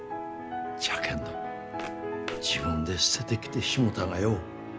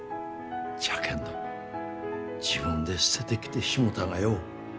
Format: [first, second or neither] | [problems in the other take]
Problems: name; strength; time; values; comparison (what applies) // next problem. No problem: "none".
second | background sound (Walk, footsteps); 17 dB below the speech